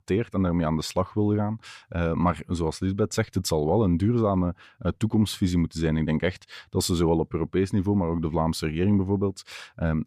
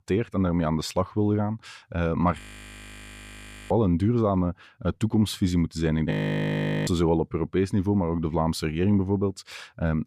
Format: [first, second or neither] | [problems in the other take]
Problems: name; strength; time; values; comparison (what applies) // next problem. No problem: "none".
first | audio freezing; at 2.5 s for 1.5 s and at 6 s for 1 s